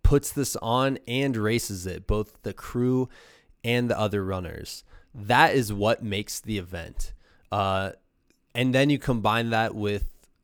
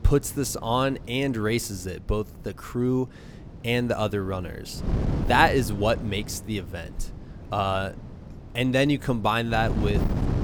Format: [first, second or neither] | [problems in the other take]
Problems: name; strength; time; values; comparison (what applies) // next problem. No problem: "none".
first | wind noise on the microphone; occasional gusts; 15 dB below the speech